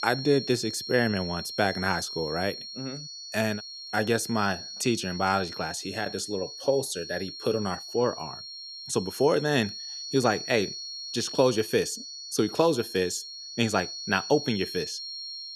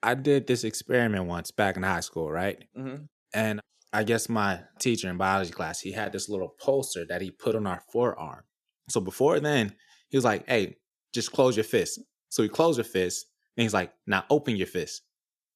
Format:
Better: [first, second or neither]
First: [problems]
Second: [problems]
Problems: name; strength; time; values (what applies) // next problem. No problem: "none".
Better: second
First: high-pitched whine; loud; throughout; 4.5 kHz, 9 dB below the speech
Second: none